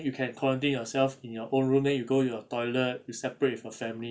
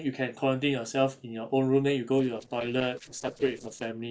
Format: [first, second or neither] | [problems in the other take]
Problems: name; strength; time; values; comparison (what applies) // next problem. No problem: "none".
first | noise reduction (neural separator model SepFormer DNS4)